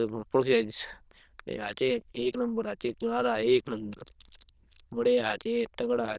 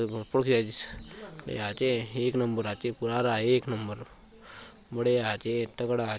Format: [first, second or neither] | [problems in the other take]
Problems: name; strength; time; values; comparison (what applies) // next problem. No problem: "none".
second | noise reduction (neural diffusion model UNIVERSE++)